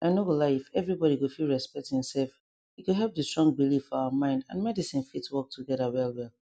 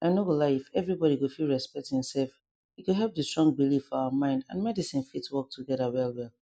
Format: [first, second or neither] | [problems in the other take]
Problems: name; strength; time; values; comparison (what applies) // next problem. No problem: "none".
first | noise reduction (neural mask model Resemble Enhance denoiser)